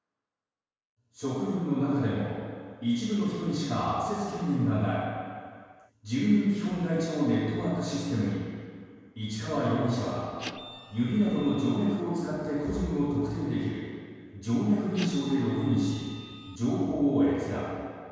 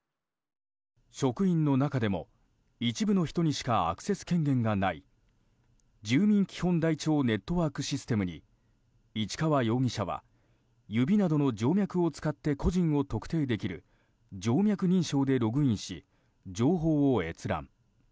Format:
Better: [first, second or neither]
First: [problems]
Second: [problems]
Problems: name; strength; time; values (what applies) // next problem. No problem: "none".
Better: second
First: background sound (Printer); 16 dB below the speech // room echo; dies away in 1.9 s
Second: none